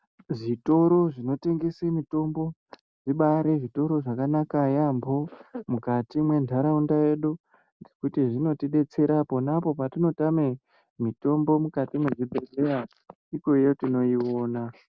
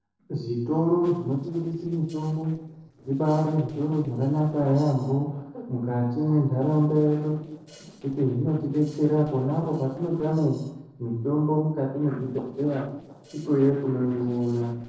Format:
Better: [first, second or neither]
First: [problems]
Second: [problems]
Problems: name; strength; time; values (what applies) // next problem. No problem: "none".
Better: first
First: none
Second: noise reduction (neural separator model SepFormer DNS4)